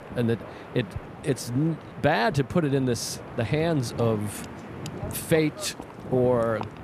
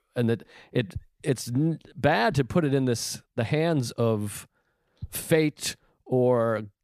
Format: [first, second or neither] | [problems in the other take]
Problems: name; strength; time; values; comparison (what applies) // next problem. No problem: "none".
second | wind noise on the microphone; occasional gusts; 15 dB below the speech